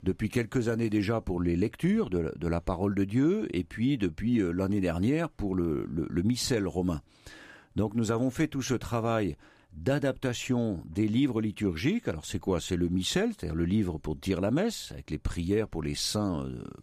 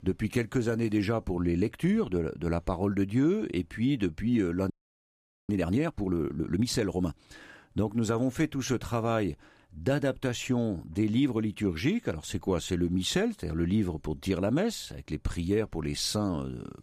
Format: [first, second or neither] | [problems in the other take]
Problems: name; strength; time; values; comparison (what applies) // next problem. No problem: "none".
first | audio freezing; at 4.5 s for 1 s